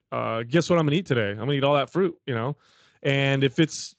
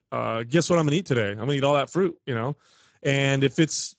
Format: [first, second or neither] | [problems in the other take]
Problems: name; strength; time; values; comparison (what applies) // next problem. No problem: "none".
first | garbled, watery; badly; nothing above 7.5 kHz; slightly in the first